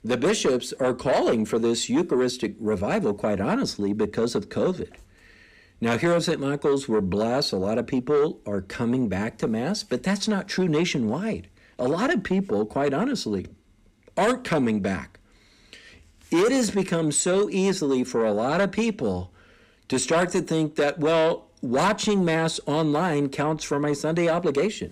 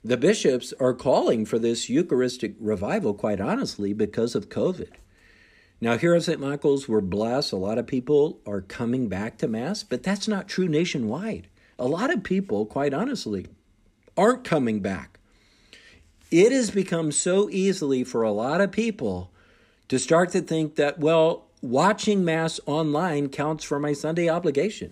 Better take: second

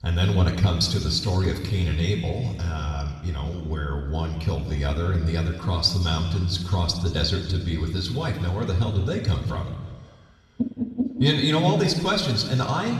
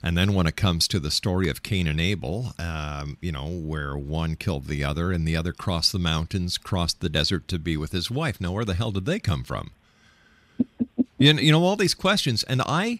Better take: second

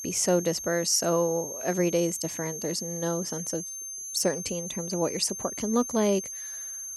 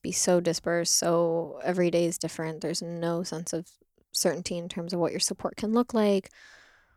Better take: second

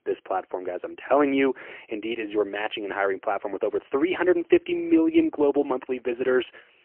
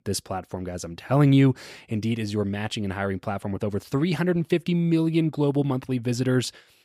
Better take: second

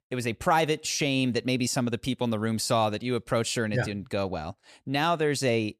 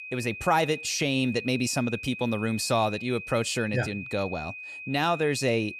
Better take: first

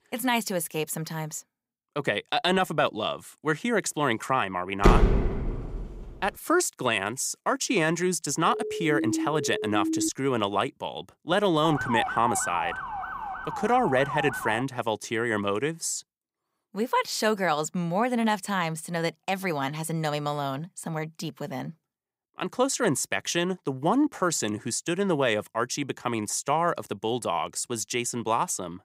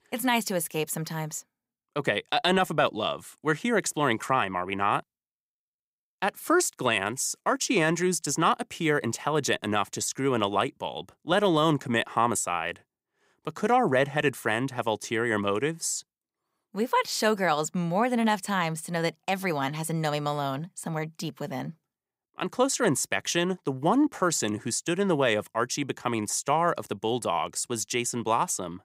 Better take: second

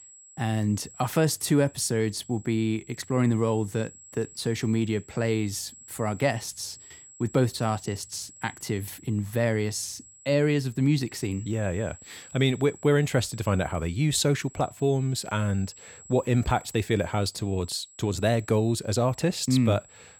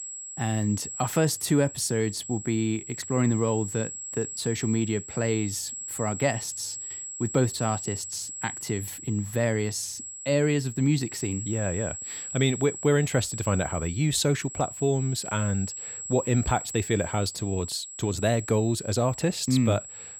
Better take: first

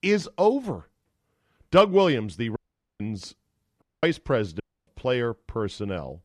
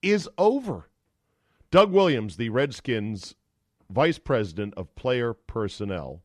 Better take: second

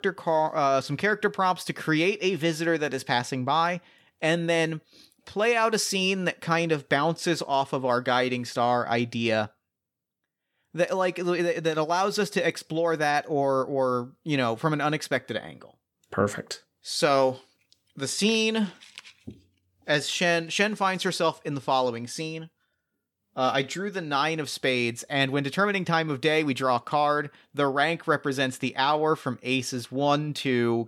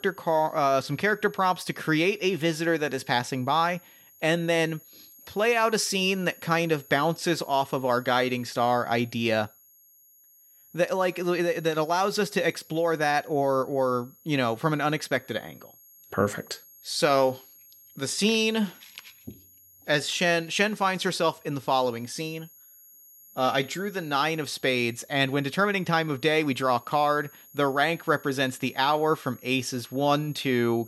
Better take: first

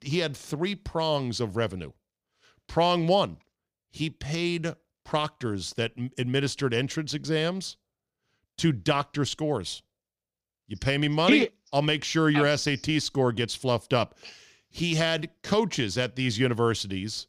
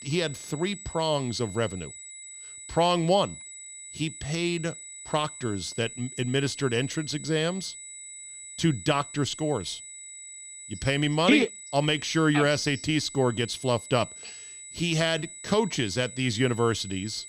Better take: first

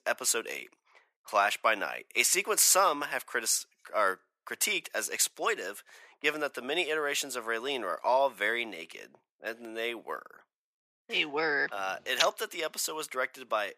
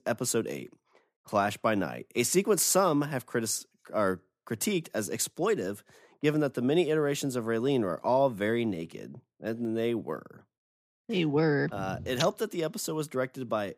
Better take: second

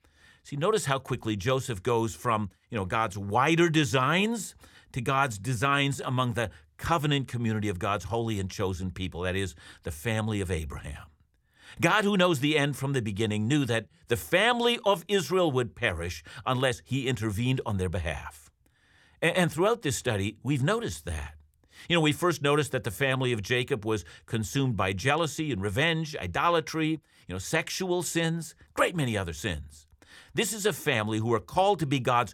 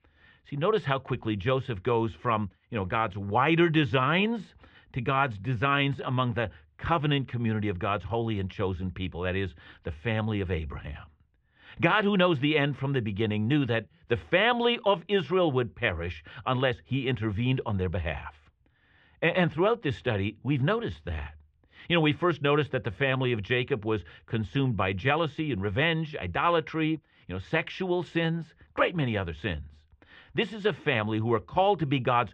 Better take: first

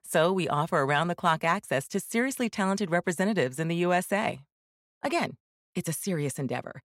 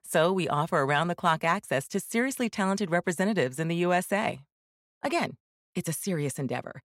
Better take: neither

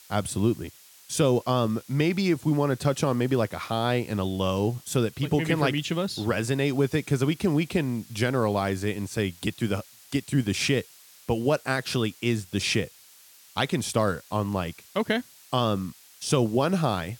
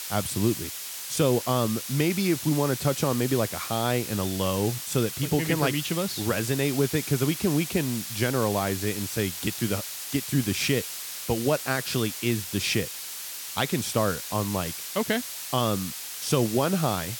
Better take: first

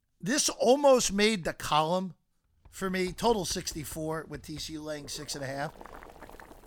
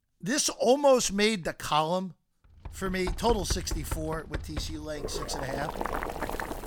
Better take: first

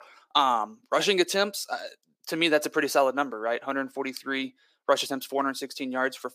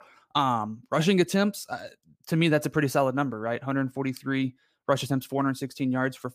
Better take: second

